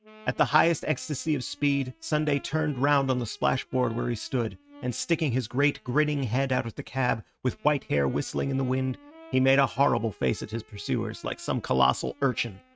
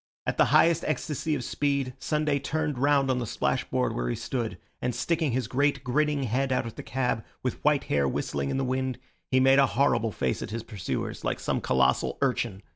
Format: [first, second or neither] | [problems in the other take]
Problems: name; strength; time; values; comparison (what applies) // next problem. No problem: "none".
second | noise reduction (neural mask model RNNoise)